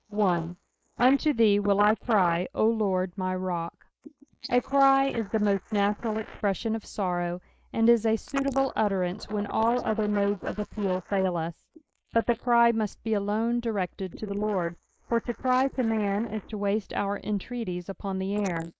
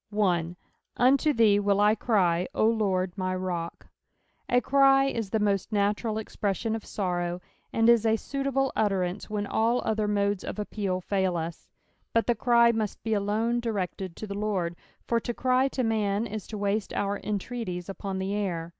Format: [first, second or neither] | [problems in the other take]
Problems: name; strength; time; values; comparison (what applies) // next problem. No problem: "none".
second | noise reduction (neural mask model Resemble Enhance denoiser)